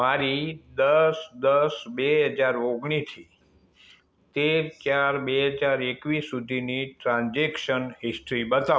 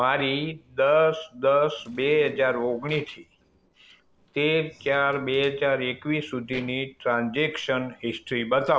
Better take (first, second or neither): first